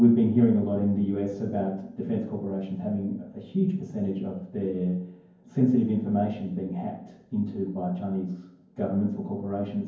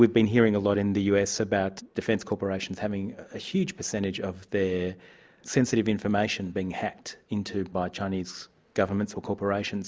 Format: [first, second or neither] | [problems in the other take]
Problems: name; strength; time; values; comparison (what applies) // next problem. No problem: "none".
second | room echo; dies away in 0.9 s